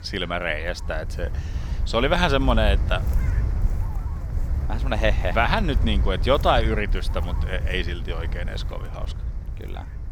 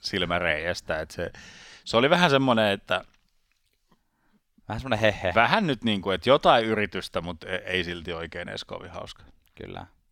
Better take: second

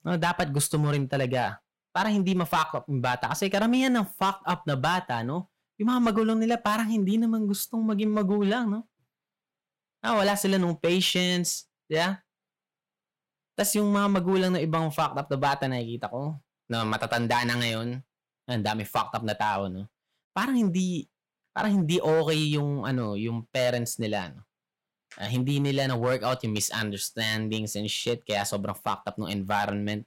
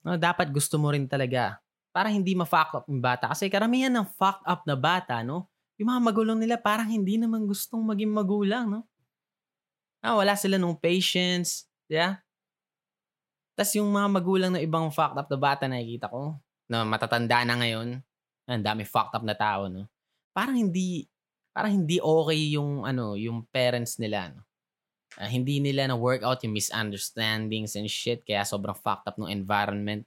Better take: second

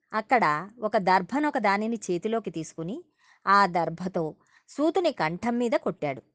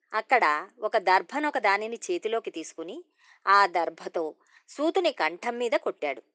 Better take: first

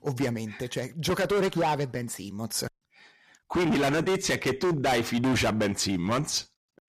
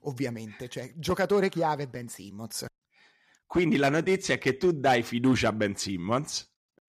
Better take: second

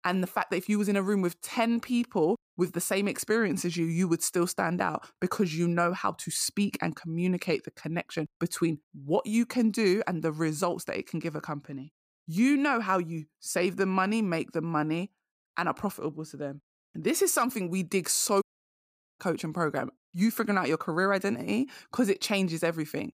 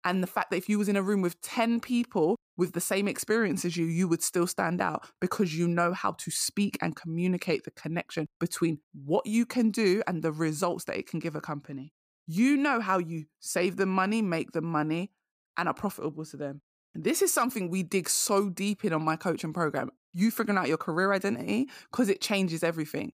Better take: second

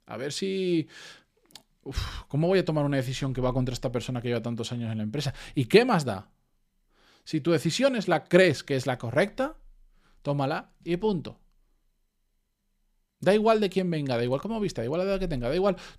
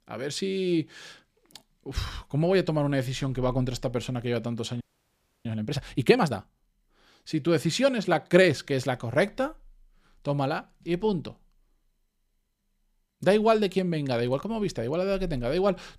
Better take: first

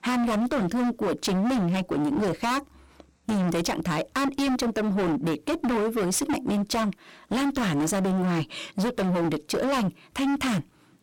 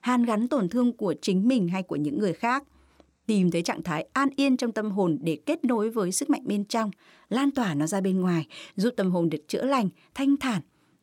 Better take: second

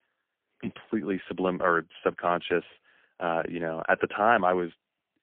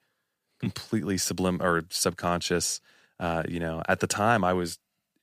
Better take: second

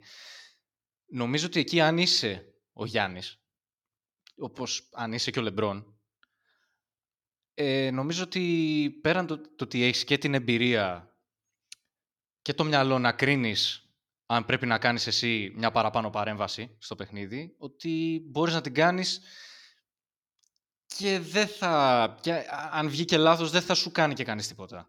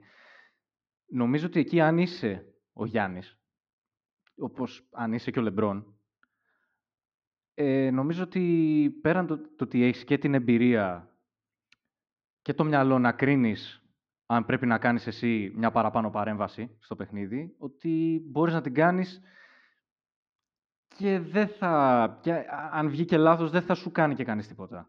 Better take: first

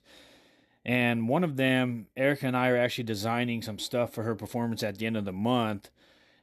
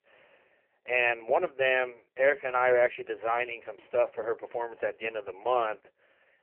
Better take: first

